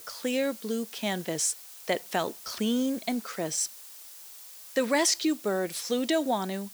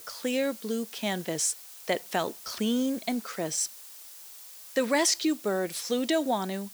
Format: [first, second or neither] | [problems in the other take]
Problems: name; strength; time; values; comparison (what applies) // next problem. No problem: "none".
neither | hiss; noticeable; throughout; 15 dB below the speech; the same in both